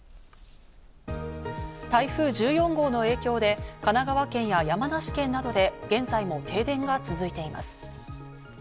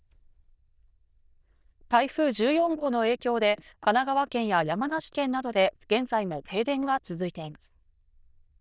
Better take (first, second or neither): first